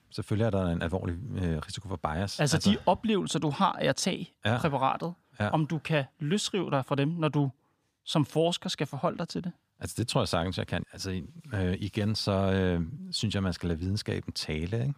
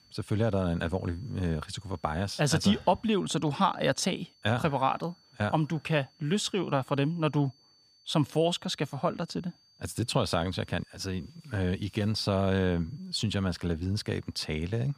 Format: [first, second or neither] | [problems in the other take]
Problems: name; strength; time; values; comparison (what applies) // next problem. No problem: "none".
first | high-pitched whine; faint; throughout; 4.5 kHz, 30 dB below the speech